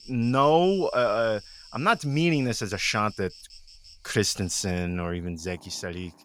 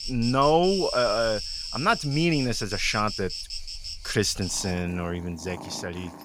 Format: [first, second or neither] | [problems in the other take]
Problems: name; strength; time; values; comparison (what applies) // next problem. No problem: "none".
first | animal sounds; loud; throughout; 8 dB below the speech; faint in the first